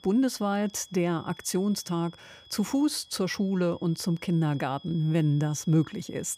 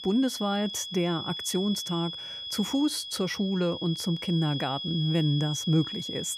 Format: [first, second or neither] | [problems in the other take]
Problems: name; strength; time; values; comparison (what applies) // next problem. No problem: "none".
first | high-pitched whine; loud; throughout; 3.5 kHz, 6 dB below the speech; faint in the first